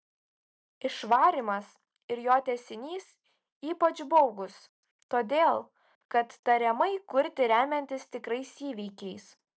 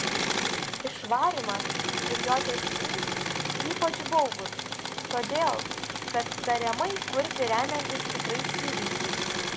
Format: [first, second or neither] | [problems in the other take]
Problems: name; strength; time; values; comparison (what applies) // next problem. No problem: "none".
first | background sound (Engine / Mechanisms); as loud as the speech